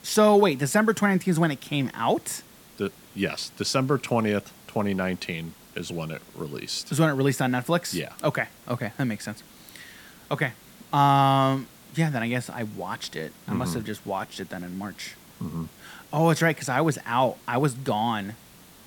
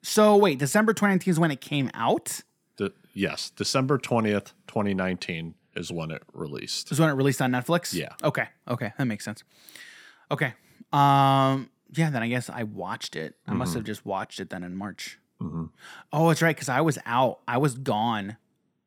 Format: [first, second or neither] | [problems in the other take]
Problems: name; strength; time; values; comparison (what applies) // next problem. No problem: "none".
second | hiss; faint; throughout; 25 dB below the speech